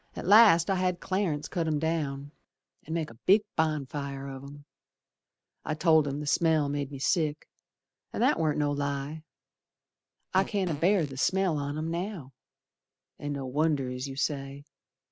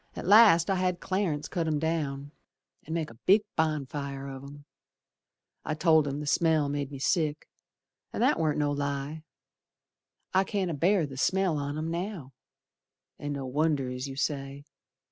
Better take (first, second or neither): second